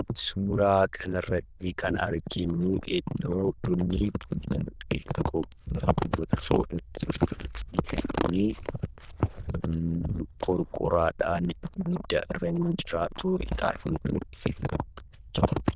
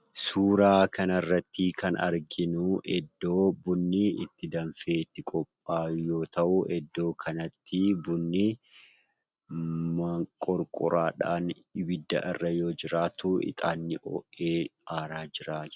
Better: second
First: noise reduction (neural diffusion model UNIVERSE++)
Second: none

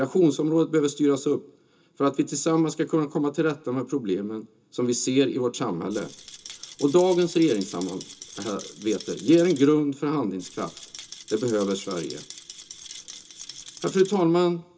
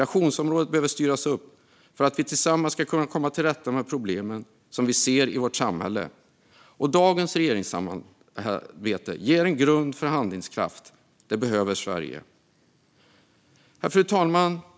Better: second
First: background sound (Rattle); 17 dB below the speech // room echo; dies away in 0.2 s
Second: none

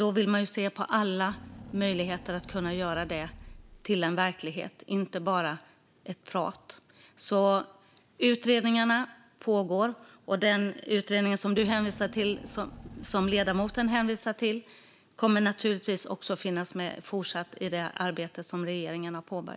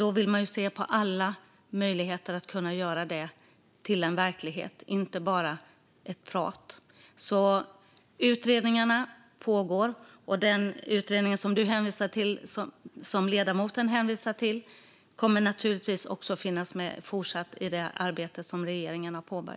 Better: second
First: background sound (Engine / Car); 17 dB below the speech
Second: none

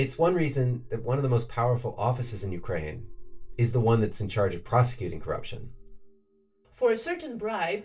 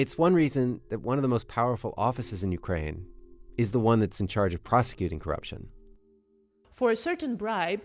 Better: second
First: room echo; dies away in 0.2 s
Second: none

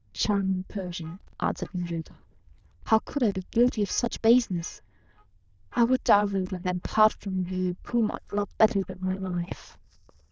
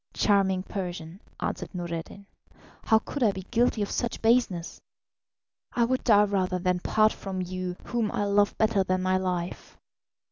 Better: second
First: noise reduction (neural diffusion model UNIVERSE++)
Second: none

